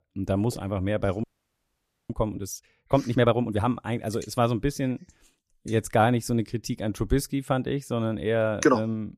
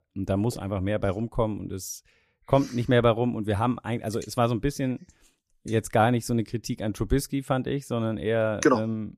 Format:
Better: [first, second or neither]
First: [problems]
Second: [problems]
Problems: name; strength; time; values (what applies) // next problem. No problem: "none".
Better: second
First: audio freezing; at 1 s for 1 s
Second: none